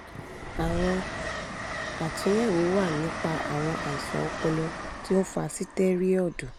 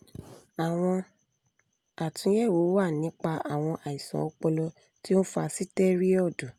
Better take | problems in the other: second | background sound (Train); 6 dB below the speech

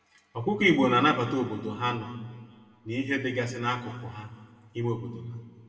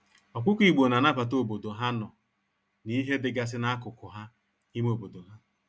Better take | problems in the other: second | room echo; dies away in 1.8 s

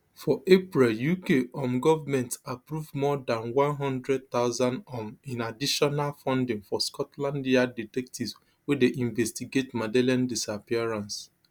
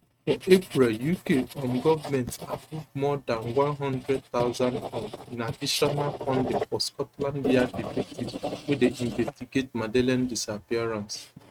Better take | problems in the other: first | noise reduction (neural mask model RNNoise)

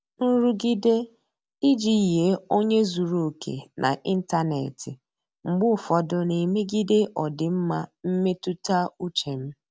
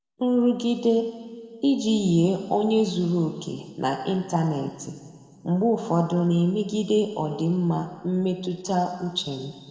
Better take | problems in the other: first | room echo; dies away in 1.9 s

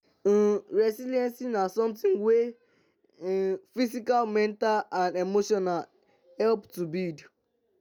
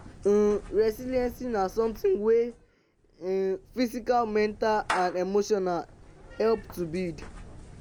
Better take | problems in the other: first | background sound (Meow / Clapping); 15 dB below the speech

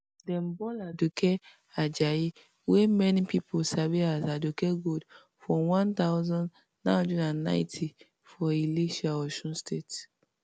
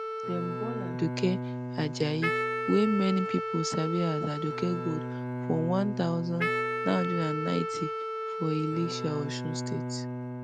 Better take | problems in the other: first | background sound (Bowed string instrument + Wind instrument, woodwind instrument); 2 dB below the speech

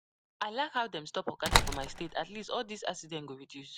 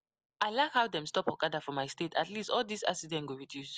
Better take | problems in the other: second | background sound (Slam); 4 dB above the speech

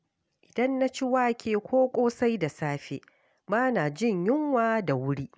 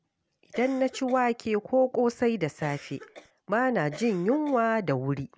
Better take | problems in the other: first | background sound (Cough); 19 dB below the speech

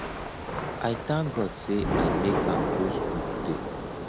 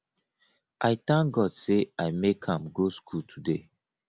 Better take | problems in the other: second | background sound (Thunder / Rain); 2 dB above the speech

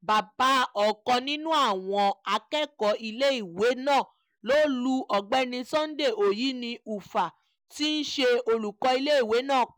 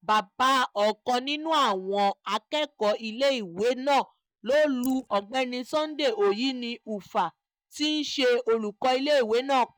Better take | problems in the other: first | noise reduction (neural mask model DeepFilterNet 3)

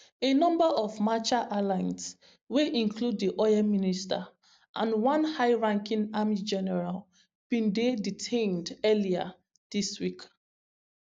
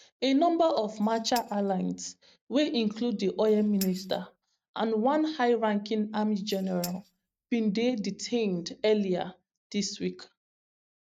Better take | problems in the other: first | noise reduction (neural mask model RNNoise)

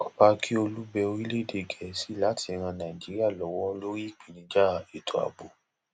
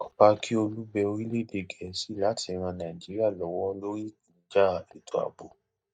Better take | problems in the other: first | noise reduction (neural mask model DeepFilterNet 3)

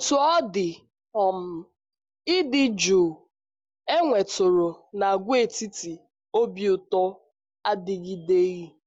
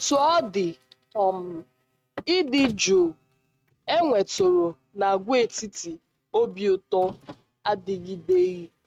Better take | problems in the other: first | noise reduction (neural mask model RNNoise)

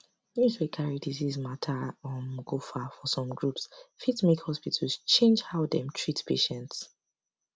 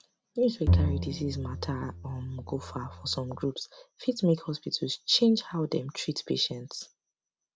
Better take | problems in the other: first | background sound (Bowed string instrument); as loud as the speech

